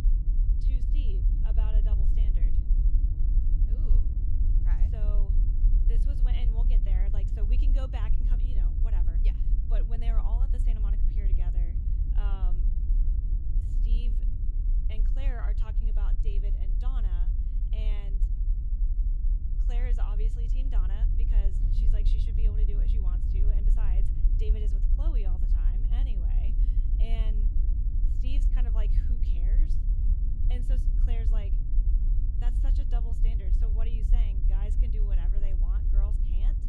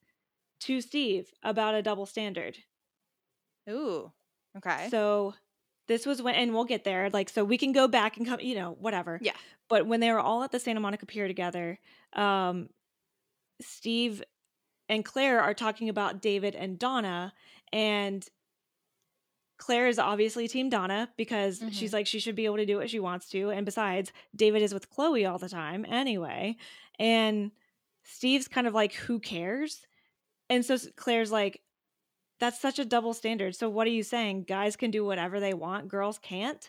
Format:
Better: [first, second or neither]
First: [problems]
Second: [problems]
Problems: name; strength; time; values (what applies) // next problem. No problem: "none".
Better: second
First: low rumble; loud; throughout; 1 dB below the speech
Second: none